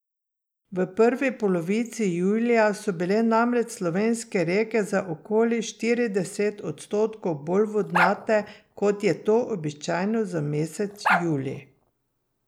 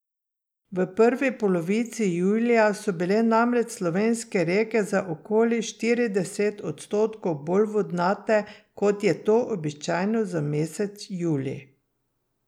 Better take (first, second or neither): second